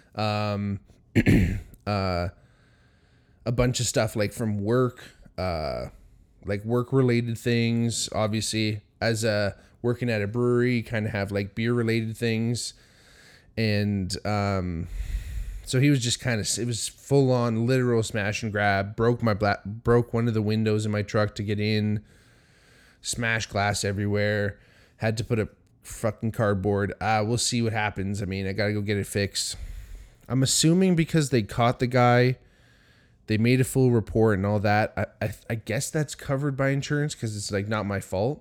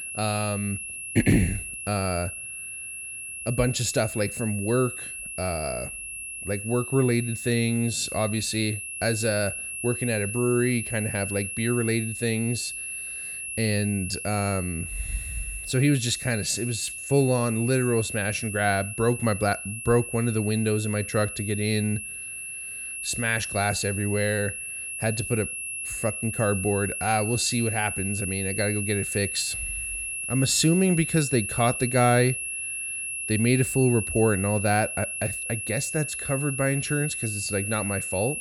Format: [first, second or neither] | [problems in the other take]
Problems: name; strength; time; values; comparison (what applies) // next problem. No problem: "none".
first | high-pitched whine; loud; throughout; 2.5 kHz, 5 dB below the speech